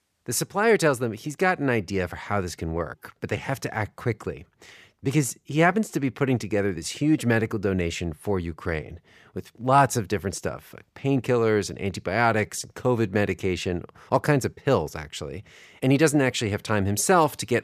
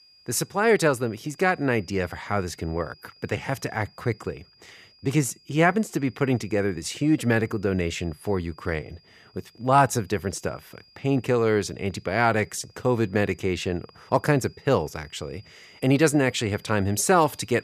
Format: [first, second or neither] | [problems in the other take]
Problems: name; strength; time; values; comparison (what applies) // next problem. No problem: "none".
first | high-pitched whine; faint; throughout; 5 kHz, 30 dB below the speech